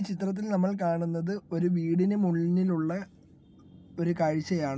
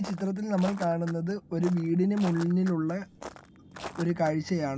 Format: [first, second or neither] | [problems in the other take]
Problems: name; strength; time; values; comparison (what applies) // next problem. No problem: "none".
first | background sound (Walk, footsteps); 16 dB below the speech